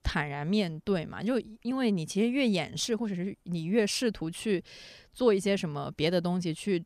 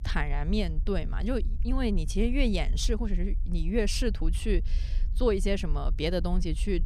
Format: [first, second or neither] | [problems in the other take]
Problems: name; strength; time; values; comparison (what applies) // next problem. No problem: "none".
first | low rumble; faint; throughout; 20 dB below the speech